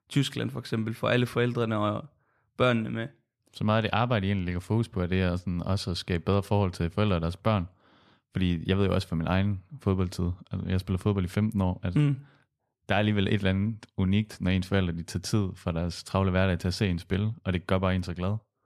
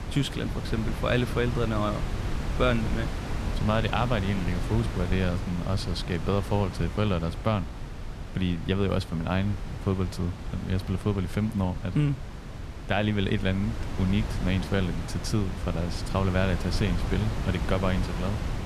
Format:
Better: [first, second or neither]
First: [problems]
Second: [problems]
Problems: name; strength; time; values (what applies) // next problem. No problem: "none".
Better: first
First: none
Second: wind noise on the microphone; heavy; 8 dB below the speech